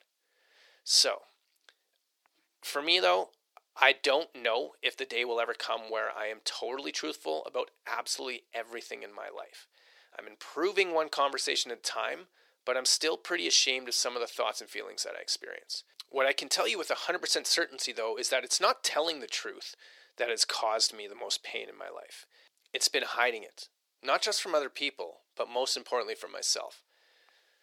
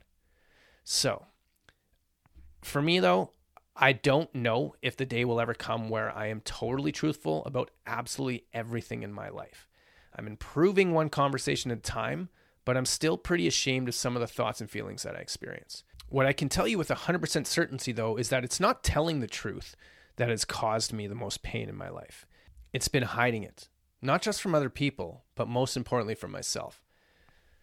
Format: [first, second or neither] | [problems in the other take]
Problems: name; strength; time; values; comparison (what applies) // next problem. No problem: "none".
second | thin; very; fading below 400 Hz